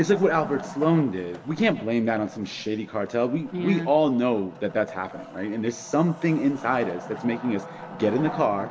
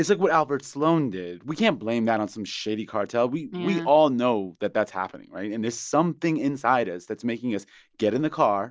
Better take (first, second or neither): second